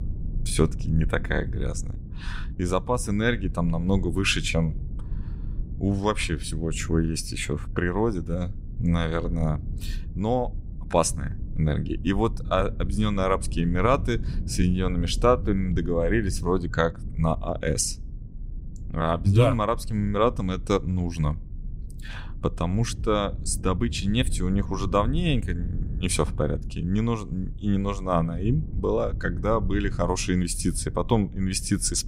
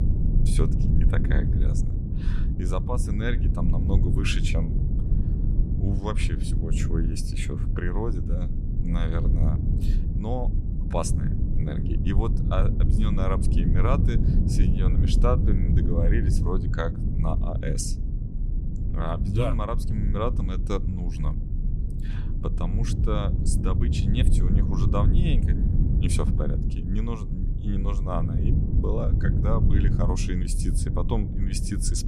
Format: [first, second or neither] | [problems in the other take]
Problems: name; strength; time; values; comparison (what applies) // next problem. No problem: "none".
first | low rumble; loud; throughout; 5 dB below the speech; faint in the first